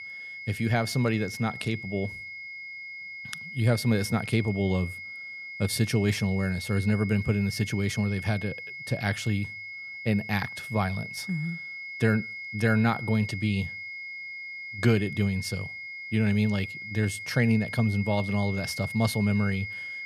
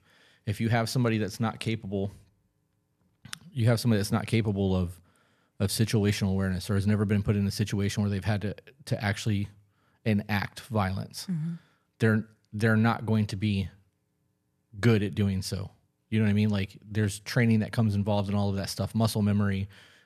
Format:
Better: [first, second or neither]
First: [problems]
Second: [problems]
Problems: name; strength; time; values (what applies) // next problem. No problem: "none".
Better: second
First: high-pitched whine; loud; throughout; 2 kHz, 9 dB below the speech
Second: none